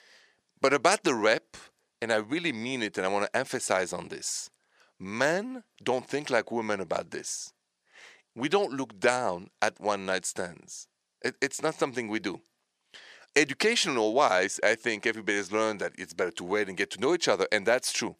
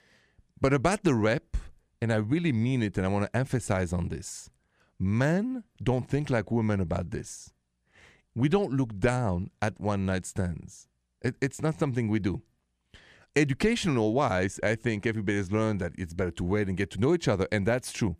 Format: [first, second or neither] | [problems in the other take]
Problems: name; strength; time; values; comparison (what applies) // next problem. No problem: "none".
second | thin; somewhat; fading below 450 Hz